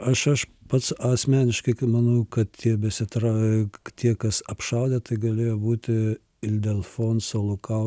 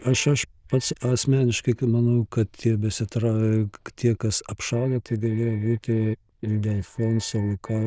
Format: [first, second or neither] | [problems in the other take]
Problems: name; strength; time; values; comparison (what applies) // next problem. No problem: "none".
first | noise reduction (neural diffusion model UNIVERSE++)